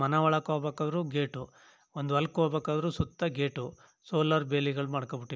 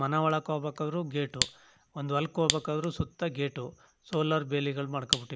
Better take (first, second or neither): first